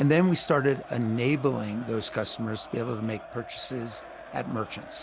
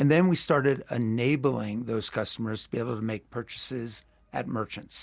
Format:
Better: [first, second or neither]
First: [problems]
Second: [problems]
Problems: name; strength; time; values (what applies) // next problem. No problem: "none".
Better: second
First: background sound (Crowd); 16 dB below the speech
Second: none